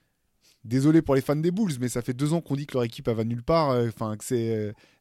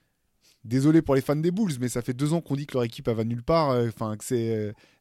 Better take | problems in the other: neither | none

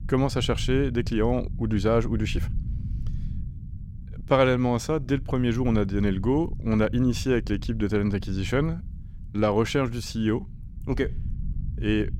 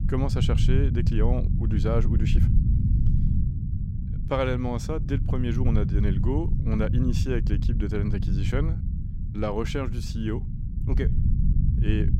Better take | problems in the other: first | low rumble; loud; throughout; 7 dB below the speech; faint in the first

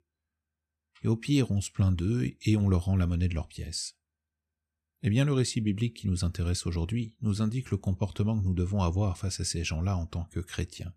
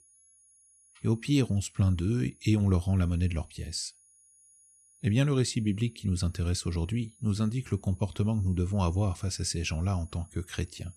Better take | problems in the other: first | high-pitched whine; faint; throughout; 10.5 kHz, 30 dB below the speech

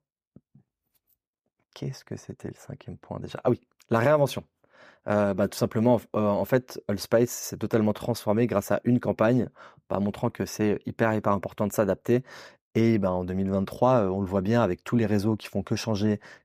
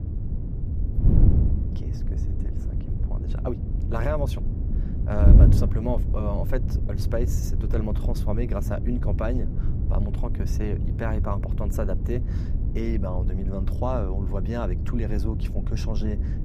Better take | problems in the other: first | wind noise on the microphone; heavy; 6 dB below the speech

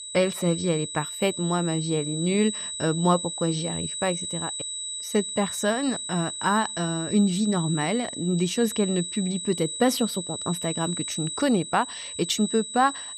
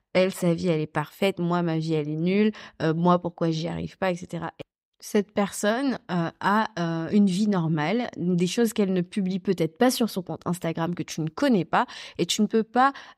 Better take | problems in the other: second | high-pitched whine; loud; throughout; 4 kHz, 5 dB below the speech

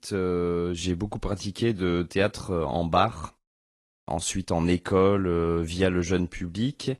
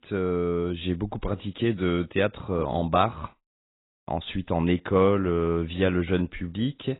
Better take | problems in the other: first | garbled, watery; badly; nothing above 4 kHz; slightly in the first

